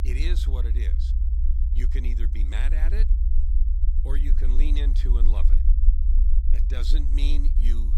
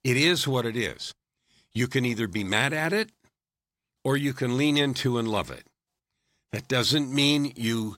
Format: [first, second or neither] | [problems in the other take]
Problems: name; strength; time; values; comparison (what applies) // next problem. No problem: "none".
second | low rumble; loud; throughout; 6 dB below the speech